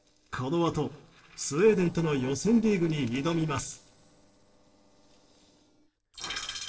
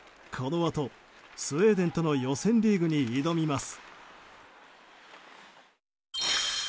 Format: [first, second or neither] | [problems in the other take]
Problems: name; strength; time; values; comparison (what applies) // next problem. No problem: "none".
second | noise reduction (neural separator model SepFormer DNS4)